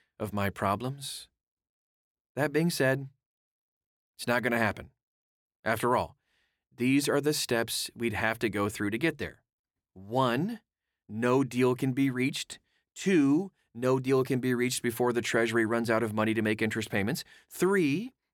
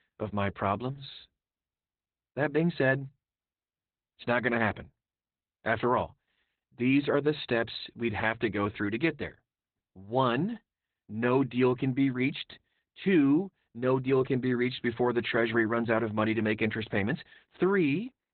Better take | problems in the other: first | garbled, watery; badly; nothing above 4 kHz

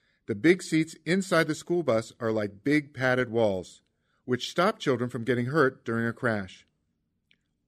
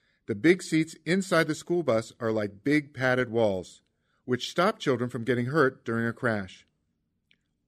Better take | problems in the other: neither | none

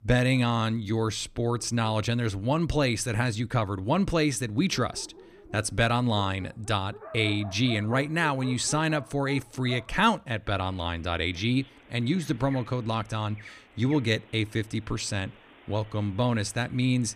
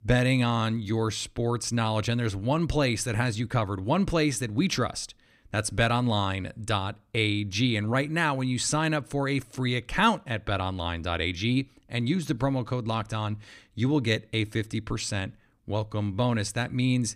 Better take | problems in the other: second | animal sounds; faint; throughout; 20 dB below the speech

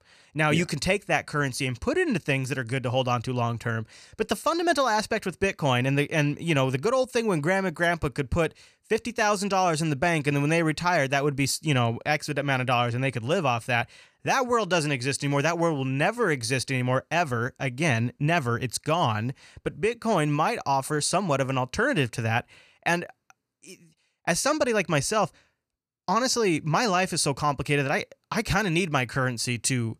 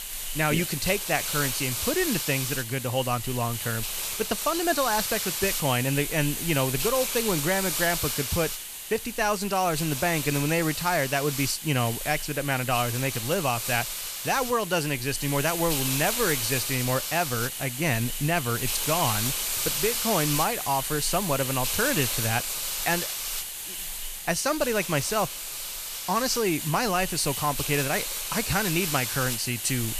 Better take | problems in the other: first | hiss; loud; throughout; 2 dB below the speech

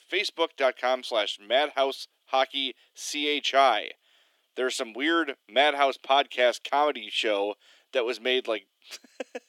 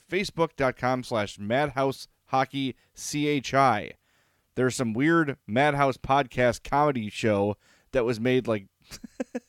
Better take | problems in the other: second | thin; somewhat; fading below 300 Hz

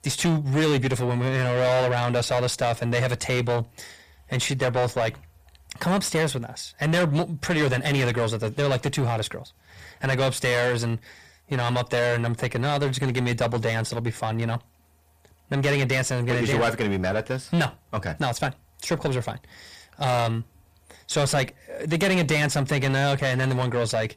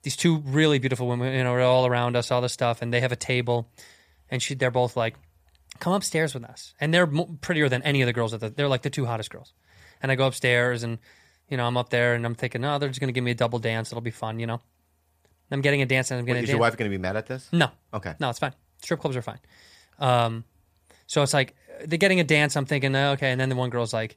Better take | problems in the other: second | distortion; heavy; 5 dB below the speech

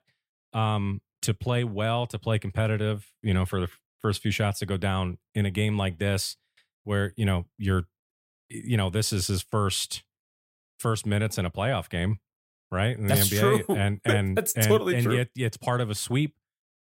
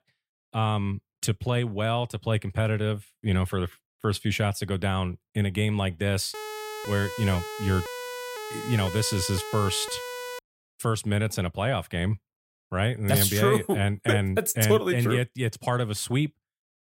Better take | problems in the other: first | siren; noticeable; from 6.5 to 10 s; peak 8 dB below the speech

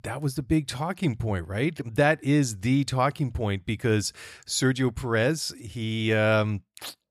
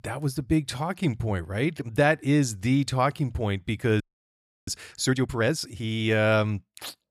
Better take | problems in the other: first | audio freezing; at 4 s for 0.5 s

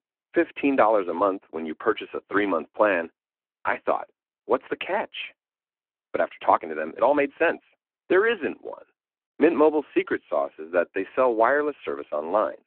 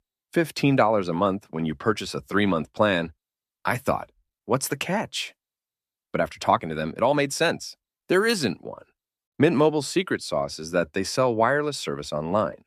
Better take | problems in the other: second | phone-call audio

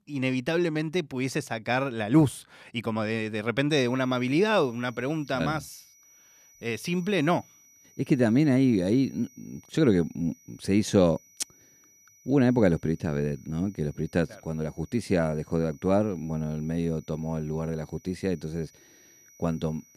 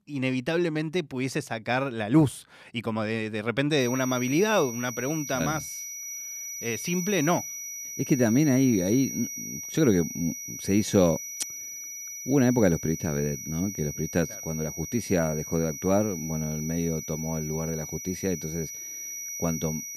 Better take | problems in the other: first | high-pitched whine; loud; from 4 s on; 6 kHz, 8 dB below the speech; faint in the first

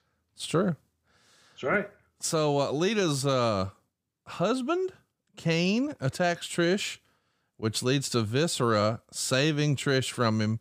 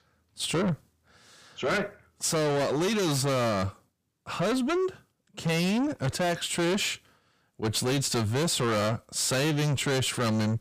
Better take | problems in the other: first | distortion; heavy; 6 dB below the speech

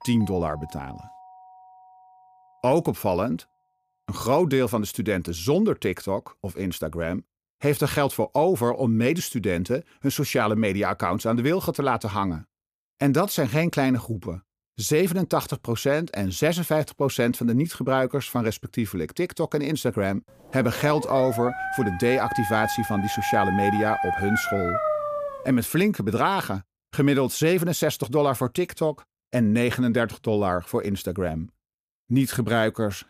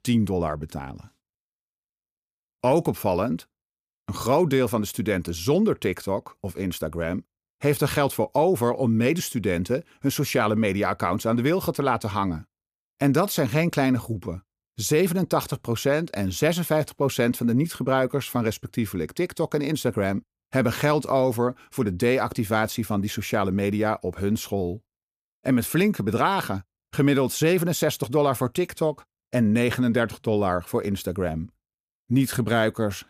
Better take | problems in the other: second | doorbell; faint; until 2.5 s; peak 20 dB below the speech // dog barking; loud; from 21 to 25 s; peak level with the speech

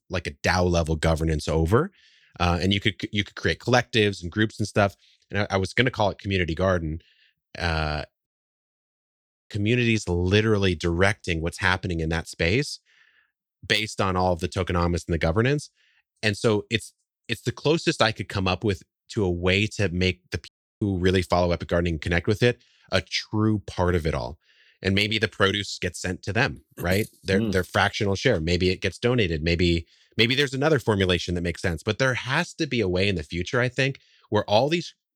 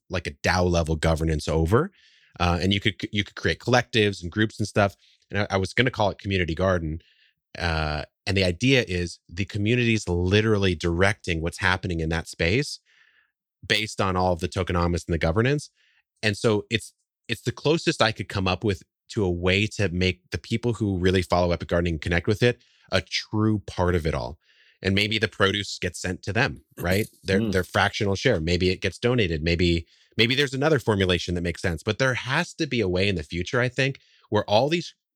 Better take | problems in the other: second | audio cutting out; at 8.5 s for 1 s and at 20 s

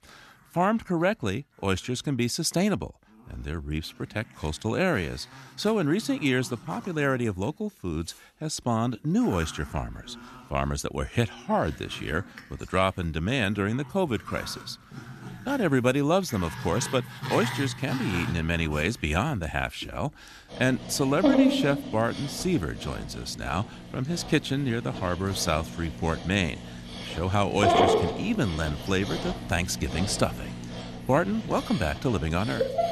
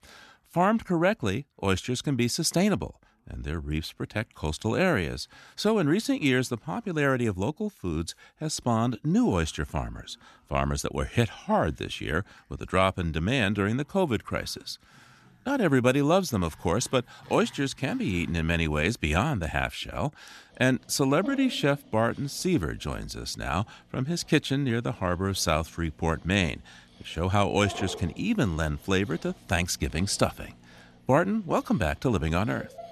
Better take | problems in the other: second | animal sounds; loud; throughout; 5 dB below the speech; faint in the second

